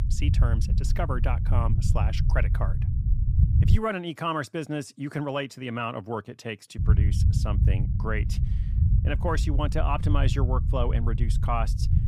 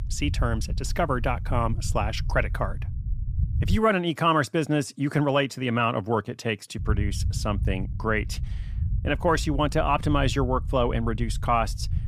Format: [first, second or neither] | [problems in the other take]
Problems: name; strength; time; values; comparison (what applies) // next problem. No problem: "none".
second | low rumble; loud; until 4 s and from 7 s on; 9 dB below the speech; faint in the second